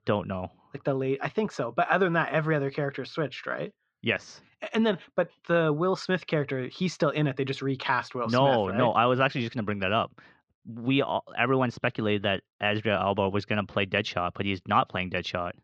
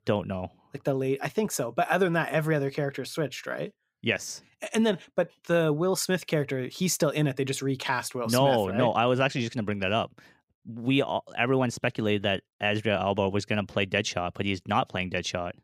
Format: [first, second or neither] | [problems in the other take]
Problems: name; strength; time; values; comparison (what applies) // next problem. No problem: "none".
second | muffled; slightly; fading above 4.5 kHz